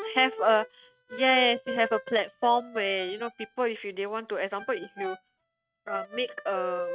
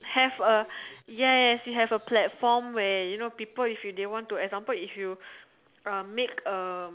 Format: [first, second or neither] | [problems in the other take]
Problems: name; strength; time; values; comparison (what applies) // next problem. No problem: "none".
second | noise reduction (neural mask model RNNoise)